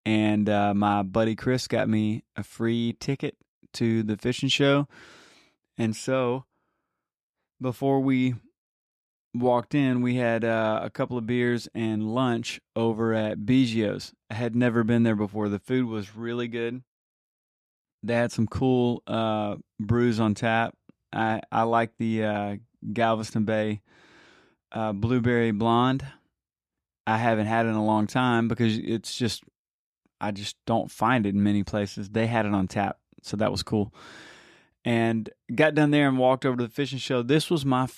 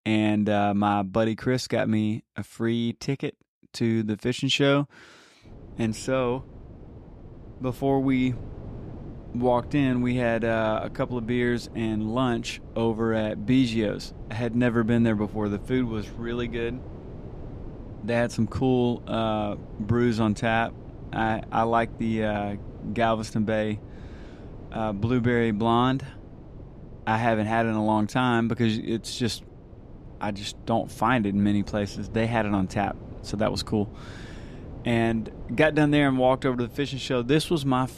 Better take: first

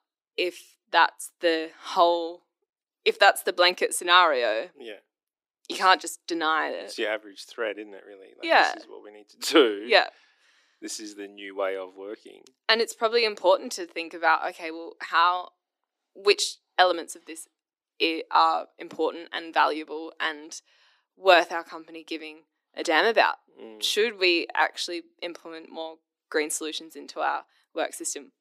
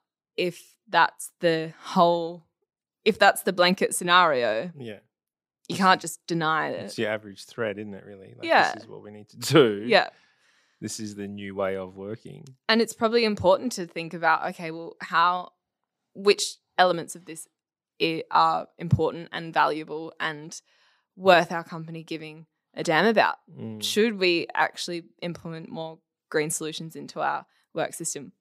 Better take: second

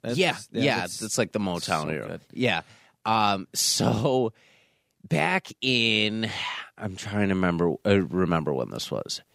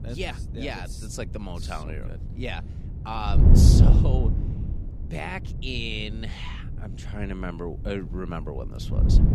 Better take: first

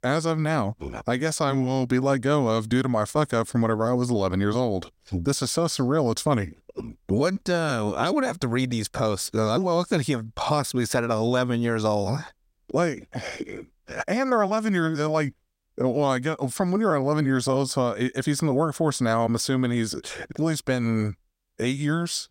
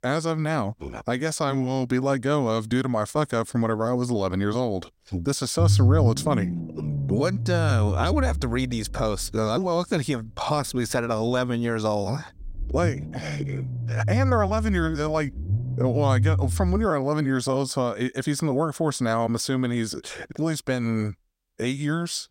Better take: first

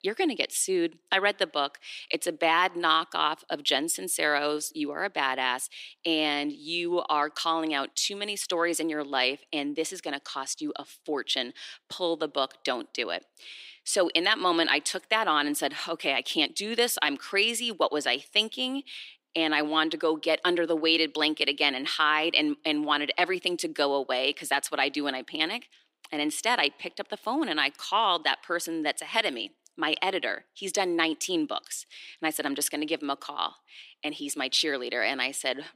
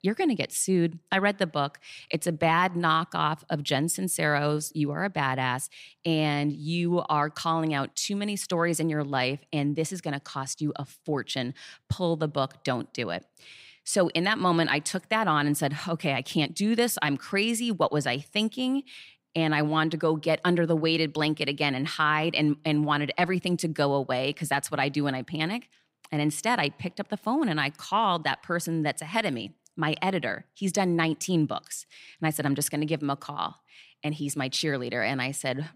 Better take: second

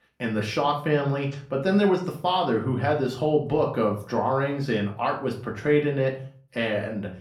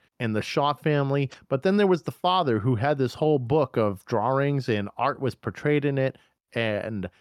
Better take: second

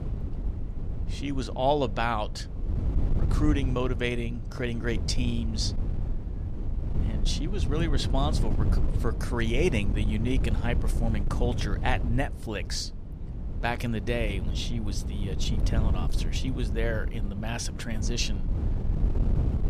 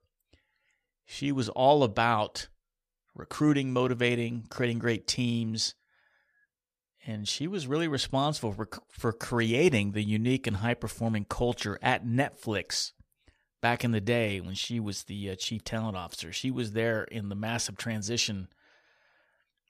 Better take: second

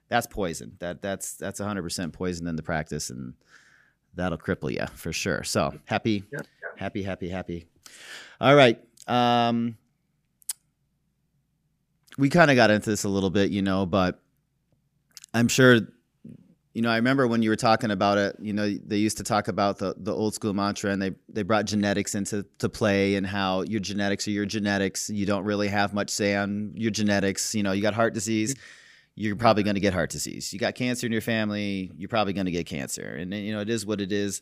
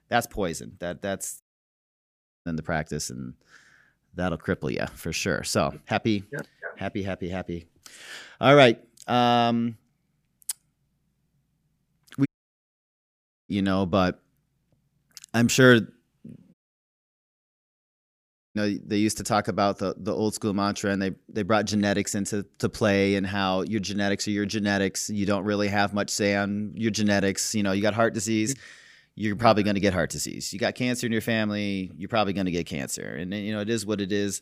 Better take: first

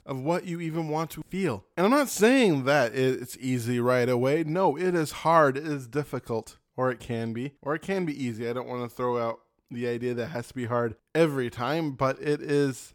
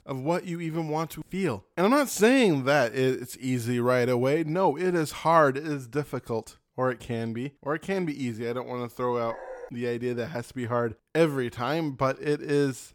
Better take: first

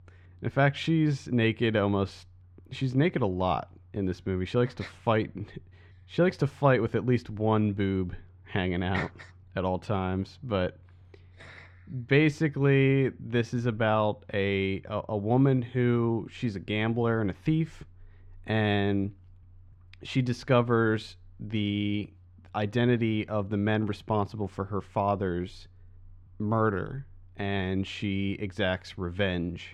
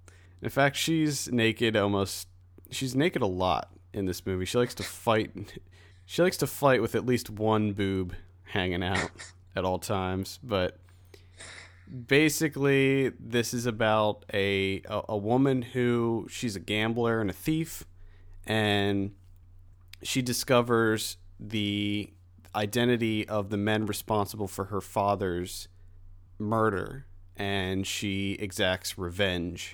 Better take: second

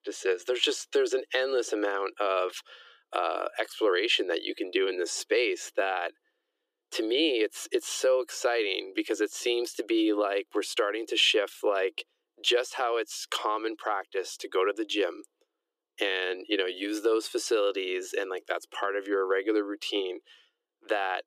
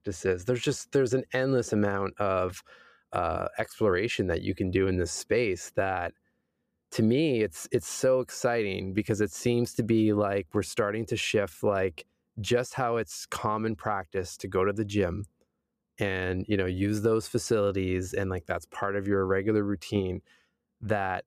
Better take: second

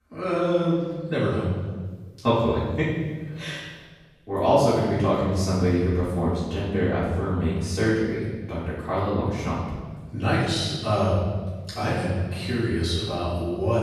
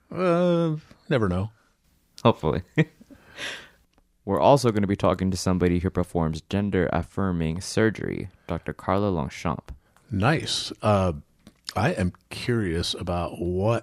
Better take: second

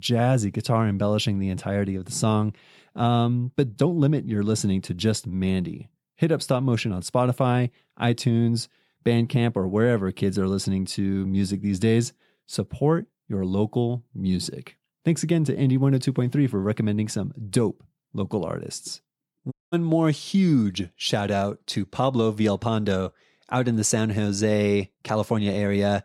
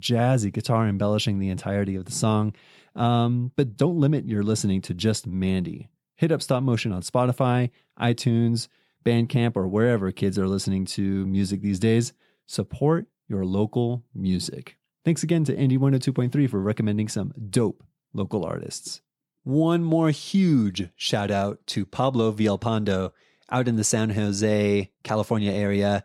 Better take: second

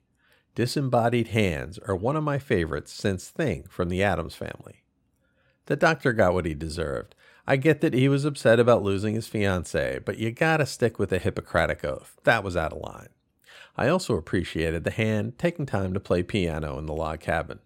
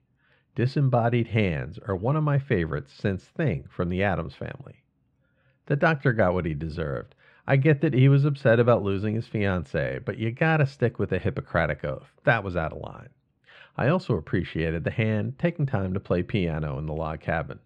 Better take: first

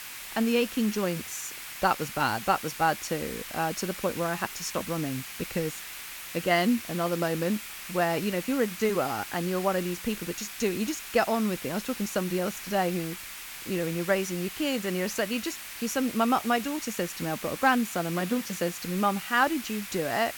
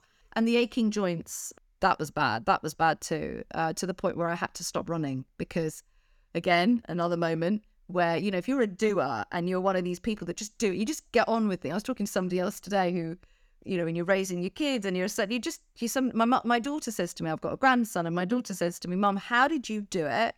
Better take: second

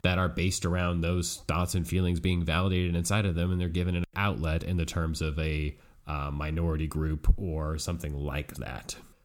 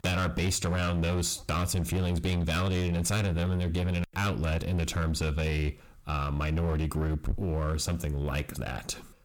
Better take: first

